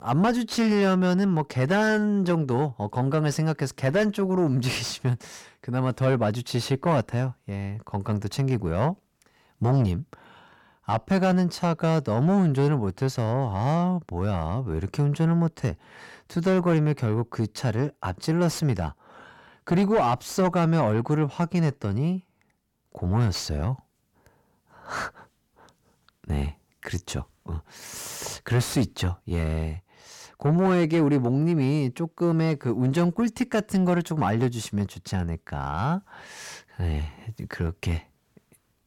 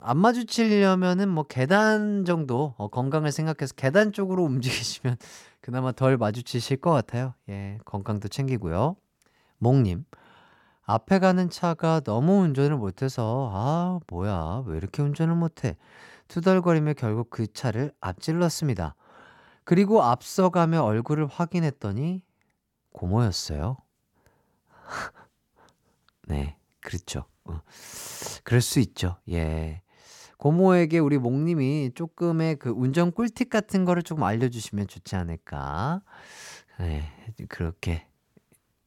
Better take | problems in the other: second | distortion; slight; 10 dB below the speech

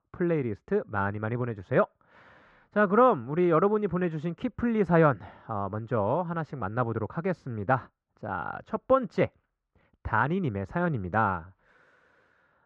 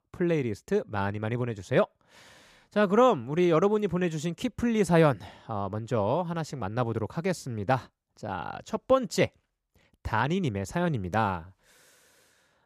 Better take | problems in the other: second | muffled; very; fading above 2 kHz

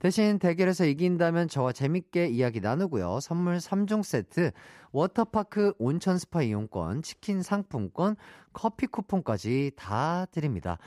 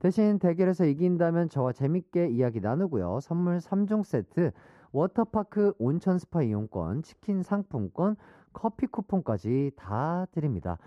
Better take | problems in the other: first | muffled; slightly; fading above 1 kHz

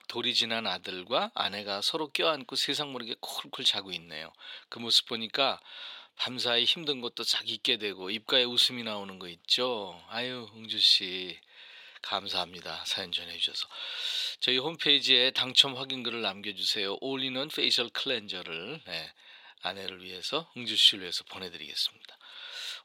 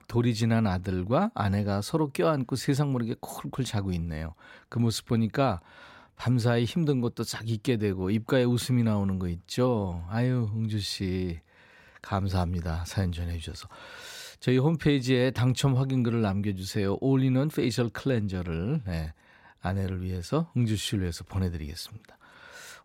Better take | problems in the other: second | thin; somewhat; fading below 450 Hz

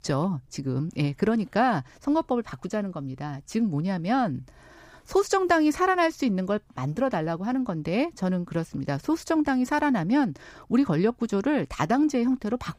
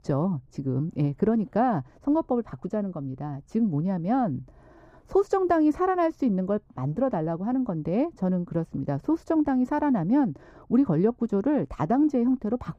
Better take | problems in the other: first | muffled; slightly; fading above 1.5 kHz

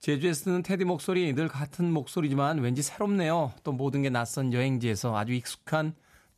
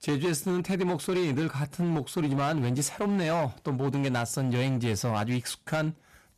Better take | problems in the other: first | distortion; slight; 17% of the sound clipped

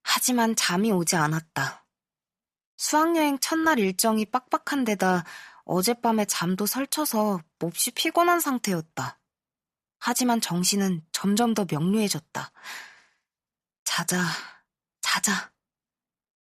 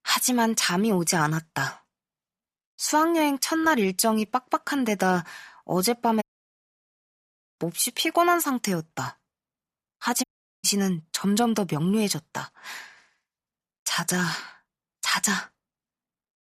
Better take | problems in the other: first | audio cutting out; at 6 s for 1.5 s and at 10 s

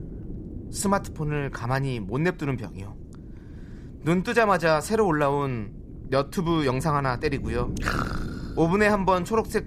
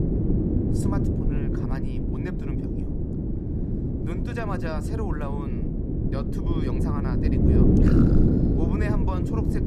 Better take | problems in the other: first | wind noise on the microphone; heavy; 5 dB above the speech; occasional gusts in the first

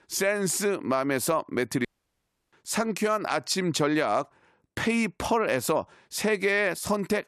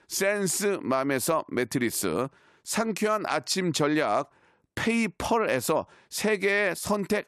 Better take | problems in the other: second | audio cutting out; at 2 s for 0.5 s

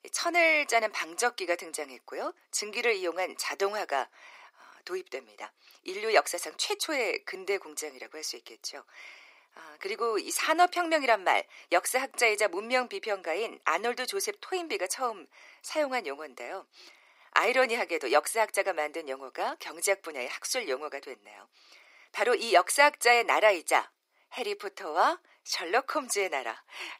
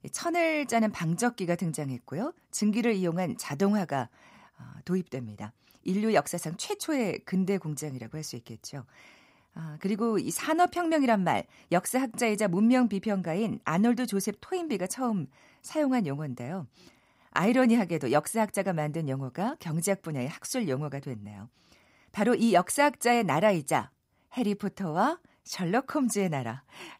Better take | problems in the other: second | thin; very; fading below 350 Hz

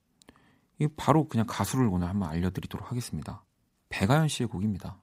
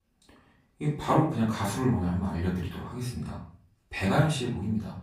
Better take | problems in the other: first | room echo; noticeable; dies away in 0.4 s // off-mic speech; far

